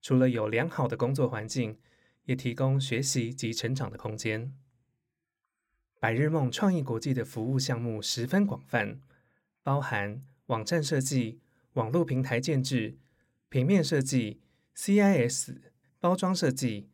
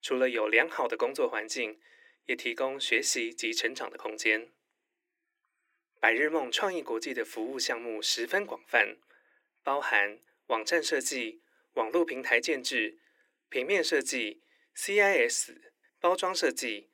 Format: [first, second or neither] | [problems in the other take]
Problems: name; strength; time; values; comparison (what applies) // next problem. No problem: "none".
first | thin; very; fading below 350 Hz